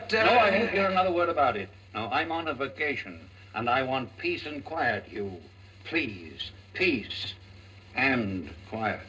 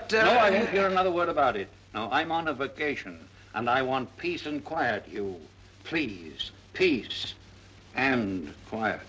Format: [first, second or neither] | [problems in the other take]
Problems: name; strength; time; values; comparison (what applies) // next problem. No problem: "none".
second | room echo; dies away in 0.2 s